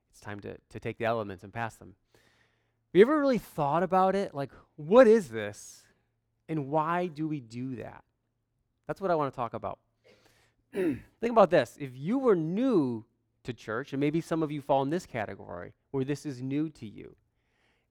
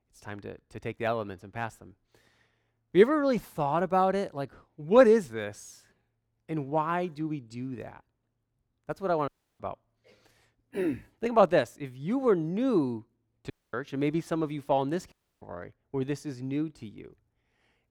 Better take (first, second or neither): first